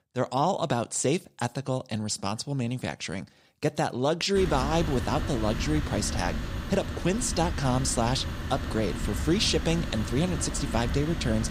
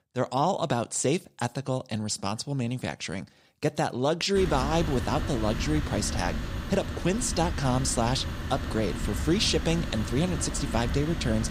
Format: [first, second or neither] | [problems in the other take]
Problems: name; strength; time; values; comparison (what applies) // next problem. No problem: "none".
neither | wind noise on the microphone; heavy; from 4.5 s on; 9 dB below the speech; the same in both